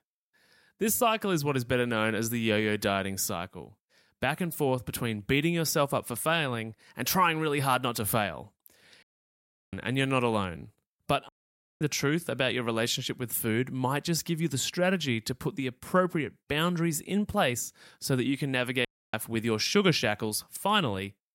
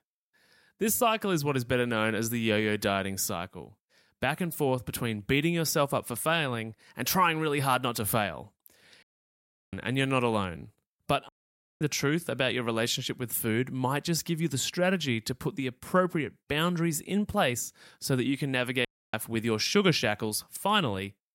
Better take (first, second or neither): neither